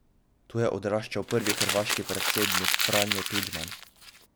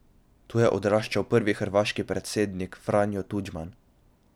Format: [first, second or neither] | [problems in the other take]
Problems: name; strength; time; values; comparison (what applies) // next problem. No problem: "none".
second | background sound (Crumpling, crinkling); 2 dB above the speech